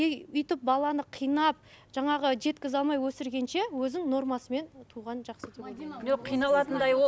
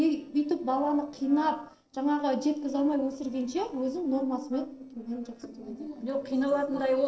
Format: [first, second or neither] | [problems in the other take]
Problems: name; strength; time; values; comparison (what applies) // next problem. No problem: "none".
first | noise reduction (neural separator model SepFormer DNS4)